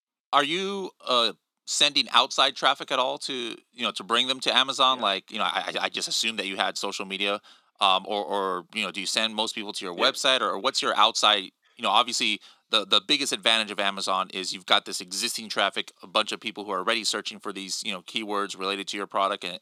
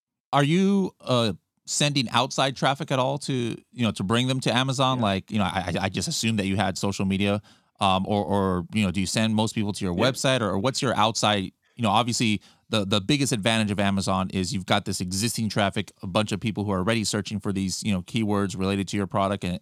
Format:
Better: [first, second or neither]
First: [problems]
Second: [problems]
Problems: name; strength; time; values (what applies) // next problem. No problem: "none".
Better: second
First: thin; somewhat; fading below 350 Hz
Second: none